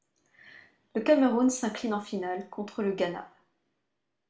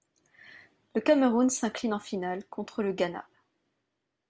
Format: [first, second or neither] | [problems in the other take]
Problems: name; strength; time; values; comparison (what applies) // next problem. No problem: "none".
second | room echo; dies away in 0.4 s